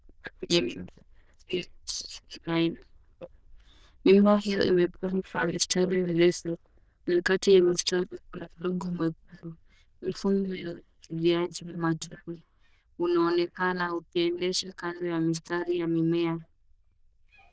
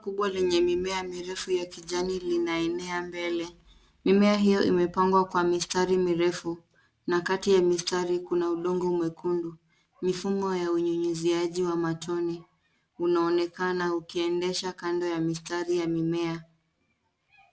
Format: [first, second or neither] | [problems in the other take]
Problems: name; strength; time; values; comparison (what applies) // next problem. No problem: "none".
second | noise reduction (neural diffusion model UNIVERSE++)